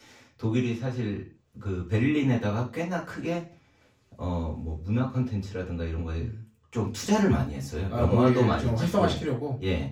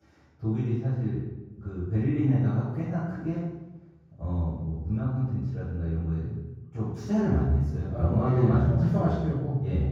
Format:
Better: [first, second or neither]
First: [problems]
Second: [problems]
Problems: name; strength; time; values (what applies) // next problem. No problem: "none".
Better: first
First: room echo; slight; dies away in 0.3 s // off-mic speech; far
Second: room echo; strong; dies away in 1.3 s // off-mic speech; far